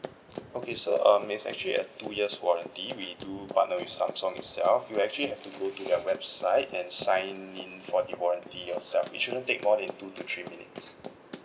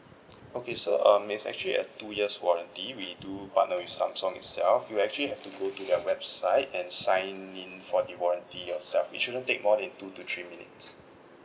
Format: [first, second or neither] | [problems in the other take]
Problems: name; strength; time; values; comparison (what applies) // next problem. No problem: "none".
second | background sound (Run); 16 dB below the speech